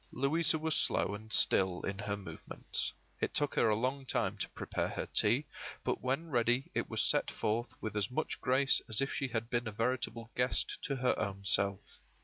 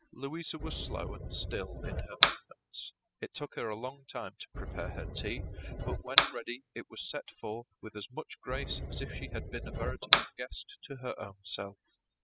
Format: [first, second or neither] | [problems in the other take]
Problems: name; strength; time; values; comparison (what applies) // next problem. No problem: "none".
first | noise reduction (classical method spectral subtraction)